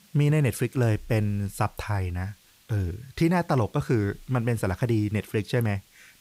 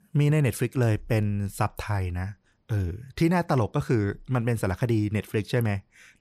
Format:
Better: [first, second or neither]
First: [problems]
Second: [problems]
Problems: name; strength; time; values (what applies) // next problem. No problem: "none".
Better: second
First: hiss; faint; throughout; 30 dB below the speech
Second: none